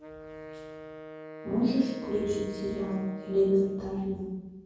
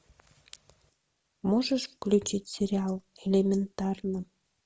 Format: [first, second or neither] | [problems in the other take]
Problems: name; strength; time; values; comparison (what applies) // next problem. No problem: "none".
second | background sound (Wind instrument, woodwind instrument); 14 dB below the speech // room echo; dies away in 1.3 s